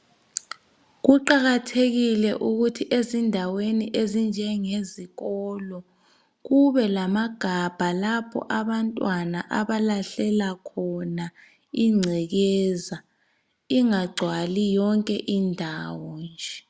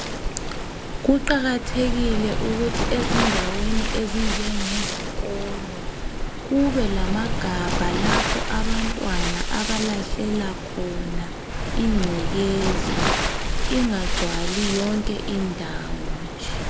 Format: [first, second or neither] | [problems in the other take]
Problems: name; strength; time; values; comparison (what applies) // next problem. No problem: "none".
first | background sound (Waves, surf); 2 dB above the speech